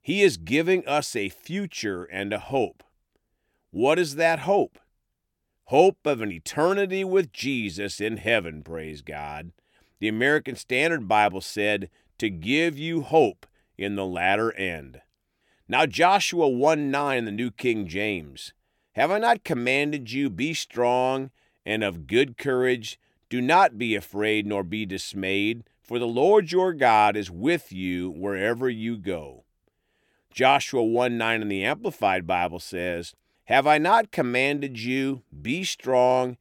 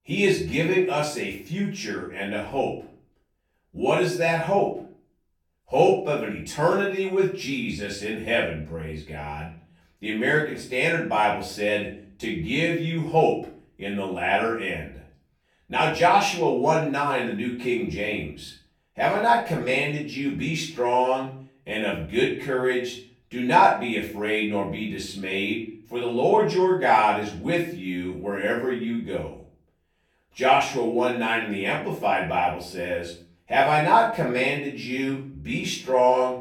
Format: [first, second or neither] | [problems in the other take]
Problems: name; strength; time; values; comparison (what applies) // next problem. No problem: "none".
first | room echo; noticeable; dies away in 0.4 s // off-mic speech; far